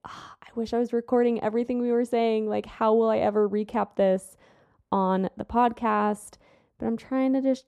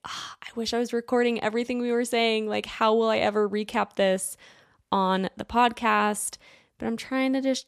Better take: second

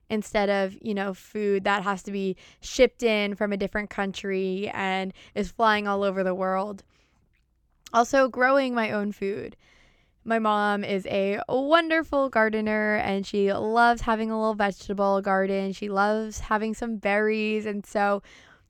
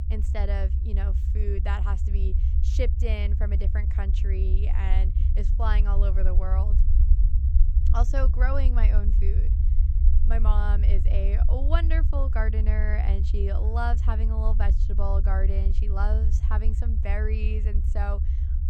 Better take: first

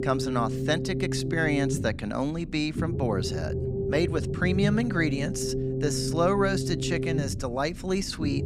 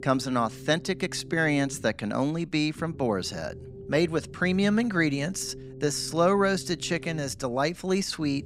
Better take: second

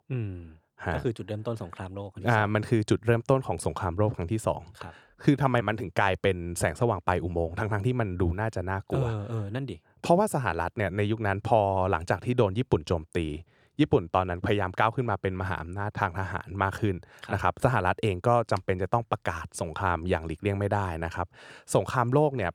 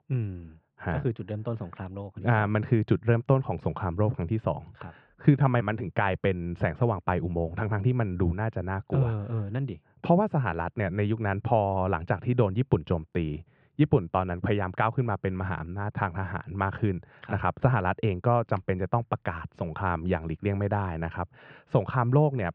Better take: first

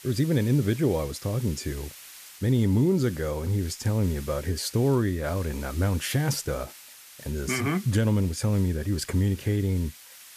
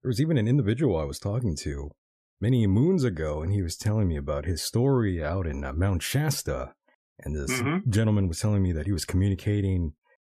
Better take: second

